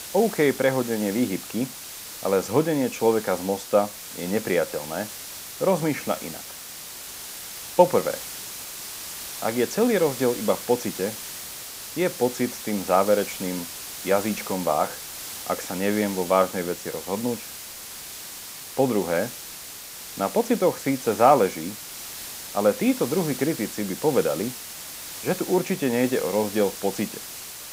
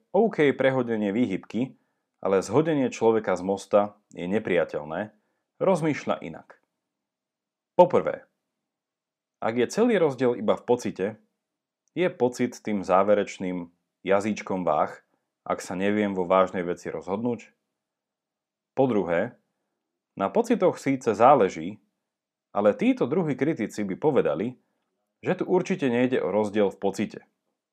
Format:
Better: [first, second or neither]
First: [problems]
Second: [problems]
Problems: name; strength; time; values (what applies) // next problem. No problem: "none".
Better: second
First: hiss; loud; throughout; 10 dB below the speech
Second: none